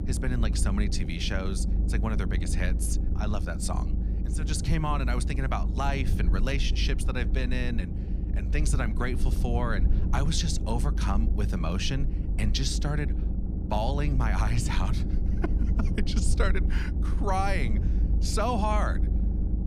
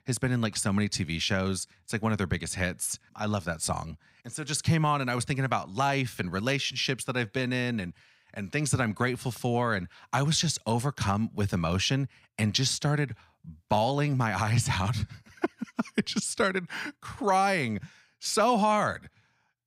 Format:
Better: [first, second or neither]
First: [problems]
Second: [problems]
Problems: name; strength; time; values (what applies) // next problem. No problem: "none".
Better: second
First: low rumble; loud; throughout; 10 dB below the speech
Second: none